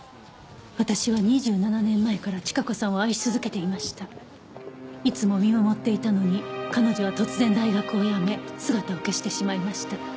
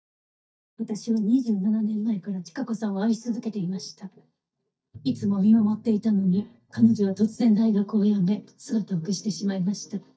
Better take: first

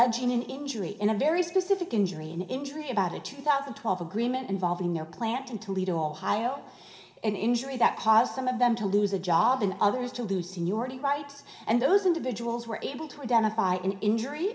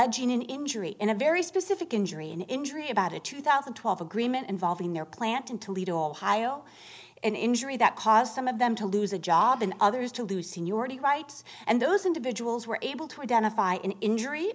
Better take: second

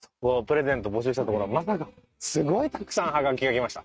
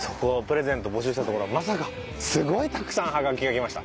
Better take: second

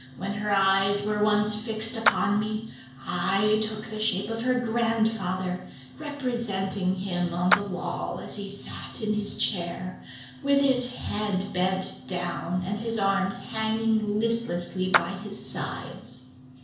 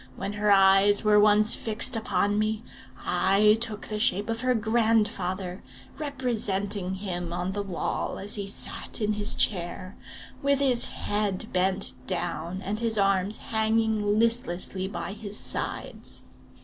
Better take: second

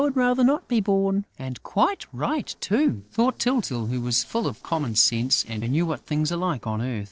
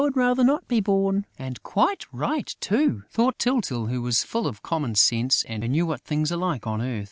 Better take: second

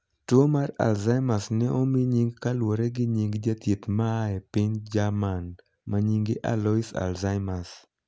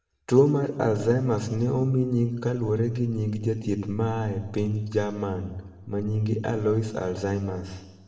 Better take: first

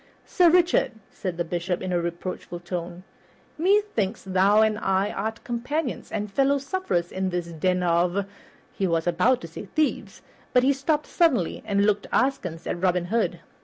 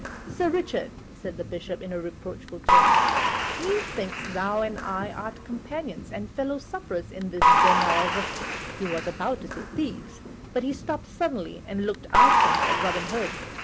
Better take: first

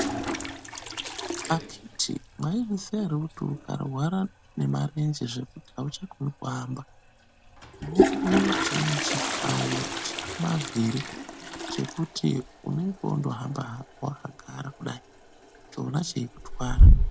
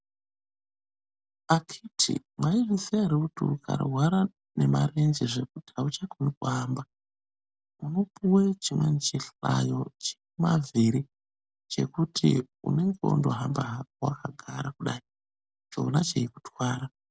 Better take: second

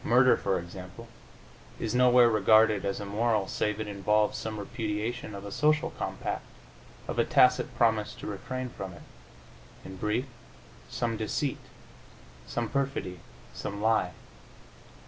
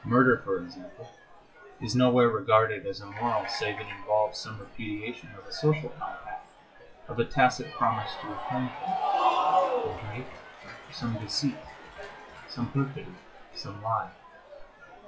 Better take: first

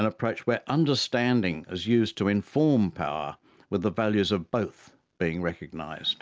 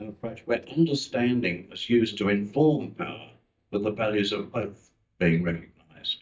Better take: first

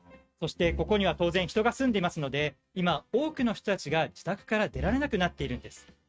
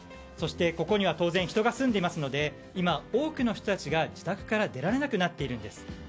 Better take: second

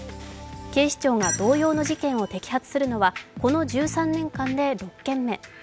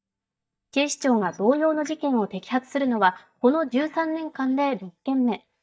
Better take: first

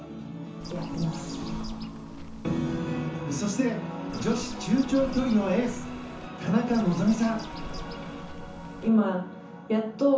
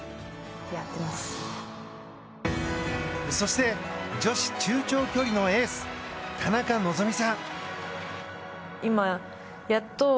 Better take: second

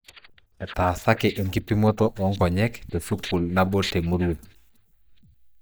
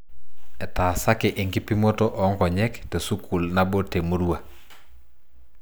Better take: second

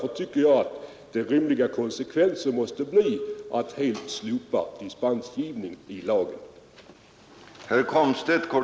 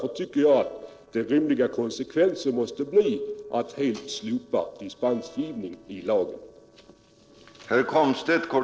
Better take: first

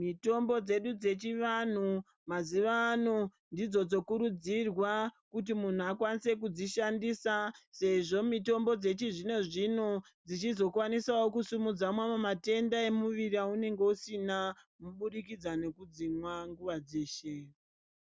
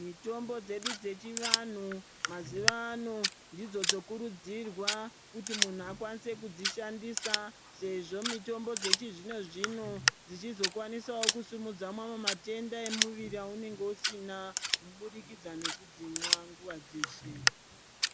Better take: first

